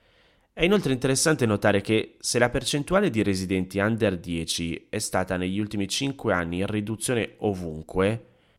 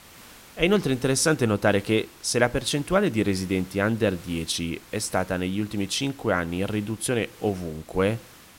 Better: first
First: none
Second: hiss; faint; throughout; 20 dB below the speech

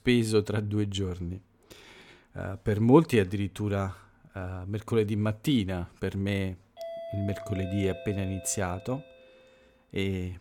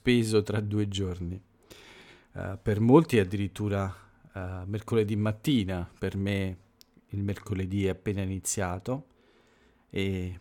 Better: second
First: doorbell; noticeable; from 7 to 9.5 s; peak 10 dB below the speech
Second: none

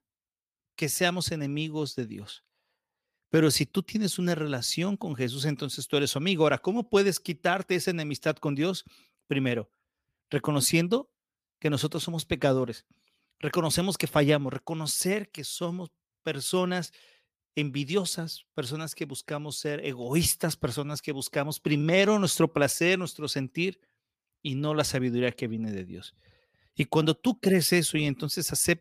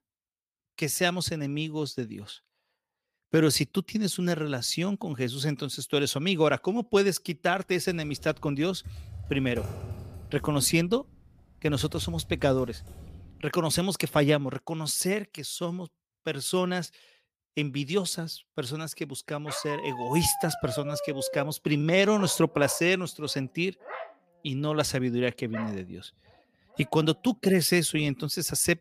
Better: first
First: none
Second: keyboard typing; noticeable; from 8 to 13 s; peak 9 dB below the speech // dog barking; noticeable; from 19 to 27 s; peak 6 dB below the speech

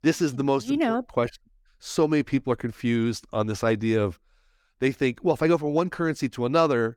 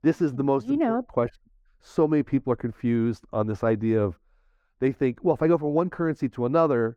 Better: first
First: none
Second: muffled; very; fading above 2 kHz

